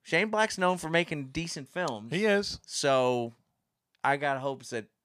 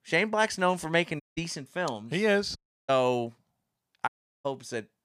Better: first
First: none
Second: audio cutting out; at 1 s, at 2.5 s and at 4 s

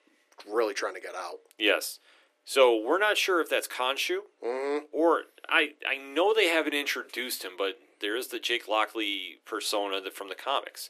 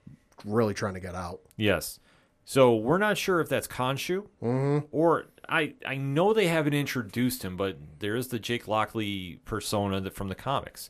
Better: second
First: thin; very; fading below 300 Hz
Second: none

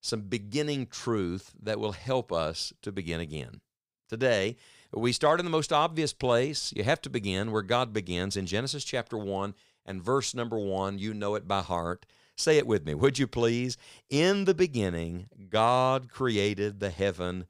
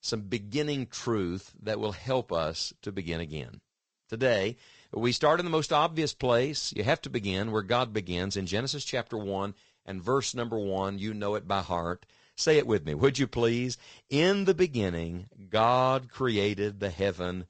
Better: first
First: none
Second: garbled, watery; slightly; nothing above 8 kHz

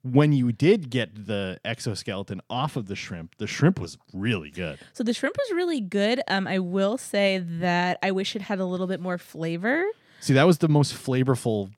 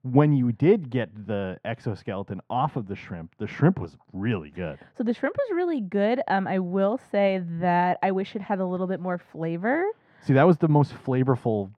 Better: first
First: none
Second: muffled; very; fading above 3.5 kHz

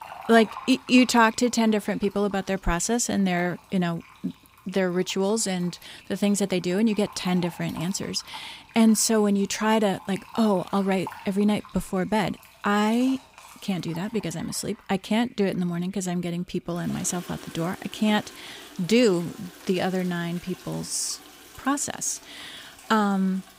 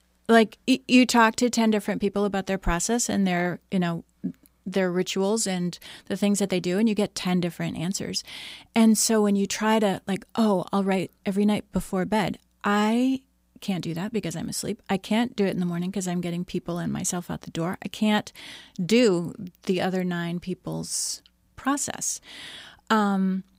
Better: second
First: household noises; faint; throughout; 20 dB below the speech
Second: none

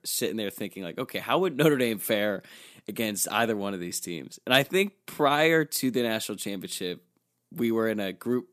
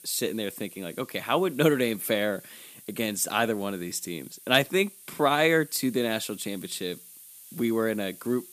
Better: first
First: none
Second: hiss; noticeable; throughout; 20 dB below the speech

